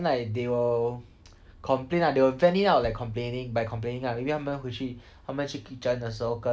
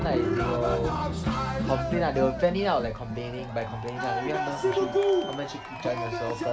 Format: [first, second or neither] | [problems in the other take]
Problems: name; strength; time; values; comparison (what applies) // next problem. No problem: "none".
first | background sound (Cheering); 1 dB above the speech